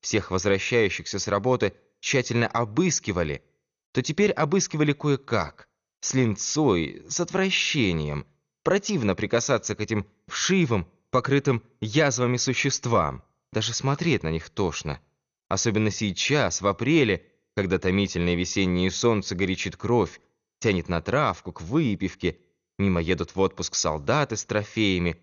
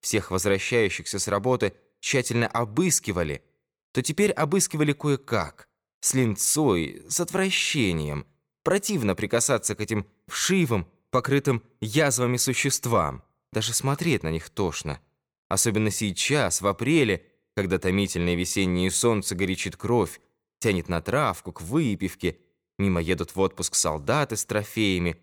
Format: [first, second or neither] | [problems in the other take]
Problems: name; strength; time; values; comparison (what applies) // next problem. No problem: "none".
second | garbled, watery; slightly; nothing above 6.5 kHz